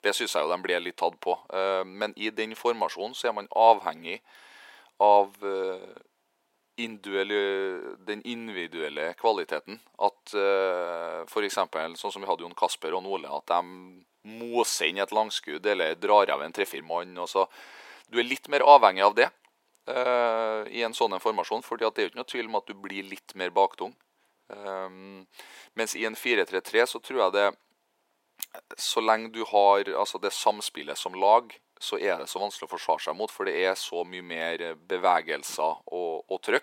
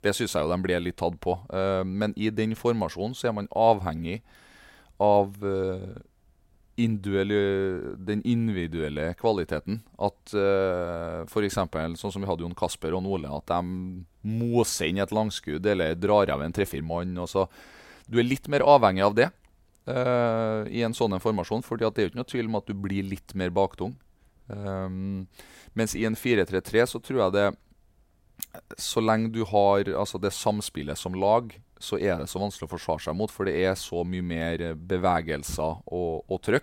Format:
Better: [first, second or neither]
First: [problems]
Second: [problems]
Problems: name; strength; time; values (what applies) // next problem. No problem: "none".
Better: second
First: thin; very; fading below 350 Hz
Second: none